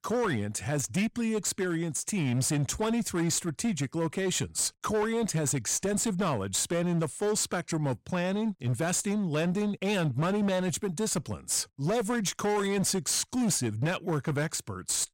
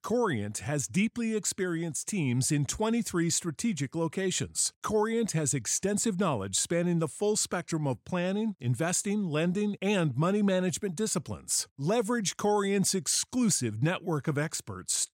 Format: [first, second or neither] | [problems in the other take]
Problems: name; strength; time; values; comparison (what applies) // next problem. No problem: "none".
second | distortion; slight; 17% of the sound clipped